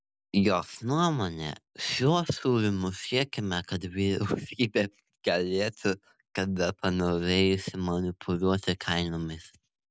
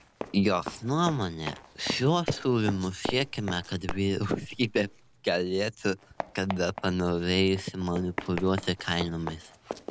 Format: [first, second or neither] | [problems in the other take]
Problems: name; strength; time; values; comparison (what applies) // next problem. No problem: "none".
first | background sound (Run); 11 dB below the speech